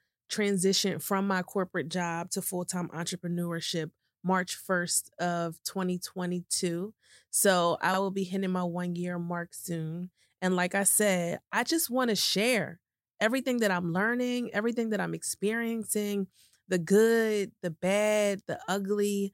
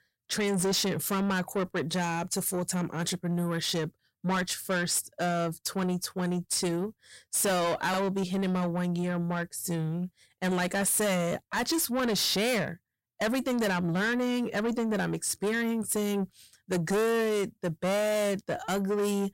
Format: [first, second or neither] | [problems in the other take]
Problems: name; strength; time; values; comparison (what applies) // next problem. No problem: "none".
first | distortion; heavy; 8 dB below the speech